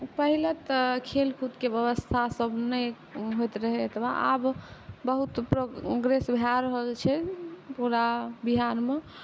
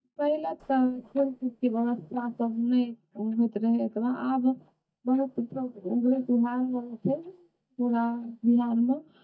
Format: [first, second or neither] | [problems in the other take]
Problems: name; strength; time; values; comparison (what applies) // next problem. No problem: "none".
first | noise reduction (neural mask model DeepFilterNet 3)